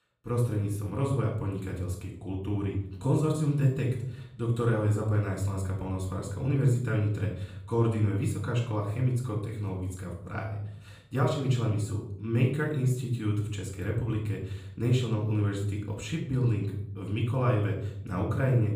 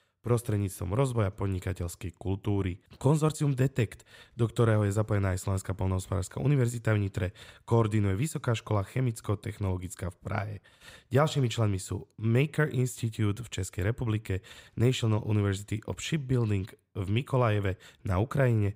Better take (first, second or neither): second